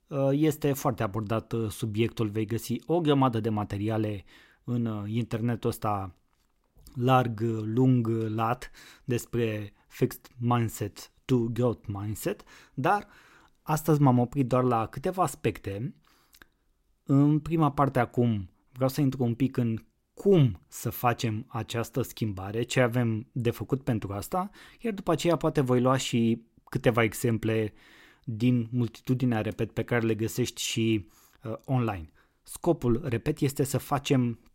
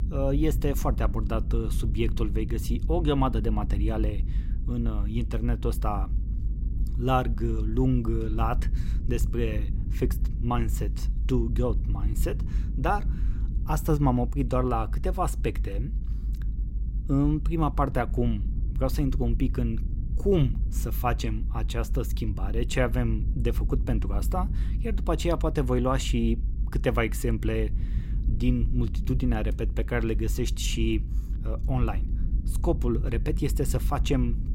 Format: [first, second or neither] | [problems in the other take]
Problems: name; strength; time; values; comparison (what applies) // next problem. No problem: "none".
first | low rumble; noticeable; throughout; 15 dB below the speech